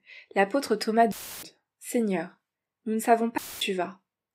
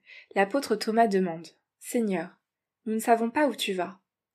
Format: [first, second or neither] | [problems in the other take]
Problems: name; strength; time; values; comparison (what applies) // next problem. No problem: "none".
second | audio cutting out; filled with static; at 1 s and at 3.5 s